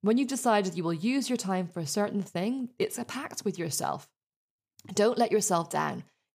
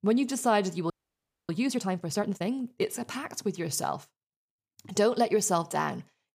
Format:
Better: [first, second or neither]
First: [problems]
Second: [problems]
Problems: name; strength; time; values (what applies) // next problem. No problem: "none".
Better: first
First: none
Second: audio freezing; at 1 s for 0.5 s